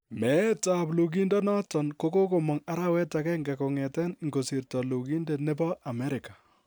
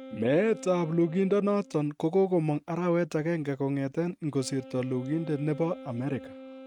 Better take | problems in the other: first | noise reduction (neural mask model RNNoise)

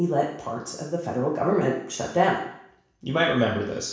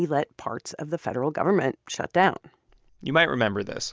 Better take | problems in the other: second | room echo; dies away in 0.7 s

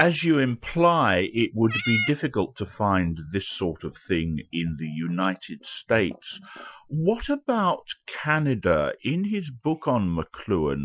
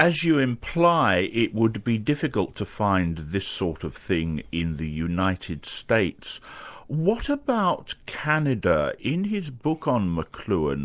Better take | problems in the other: second | noise reduction (classical method Wiener filter)

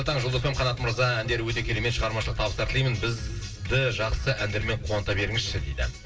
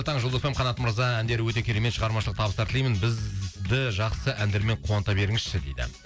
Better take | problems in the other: second | room echo; dies away in 2.9 s

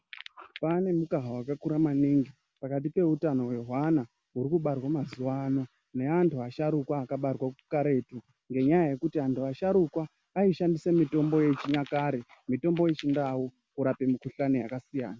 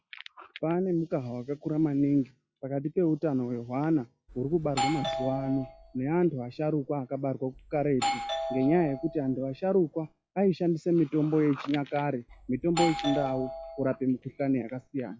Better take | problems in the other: first | noise reduction (classical method log-MMSE)

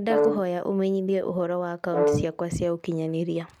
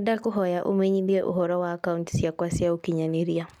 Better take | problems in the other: second | background sound (Brass instrument); 3 dB below the speech

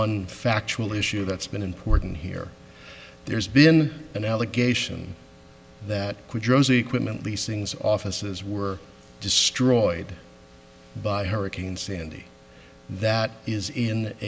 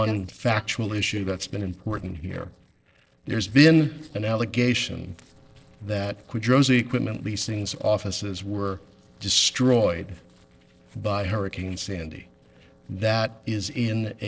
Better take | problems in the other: first | noise reduction (neural separator model SepFormer DNS4)

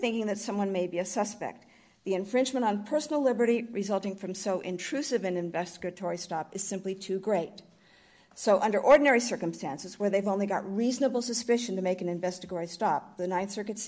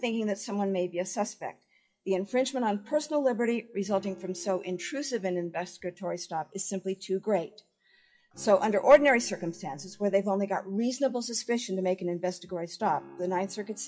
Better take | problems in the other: first | noise reduction (classical method WPE with log-MMSE)

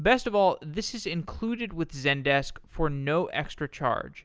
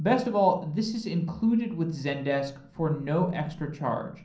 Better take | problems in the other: first | room echo; dies away in 0.6 s

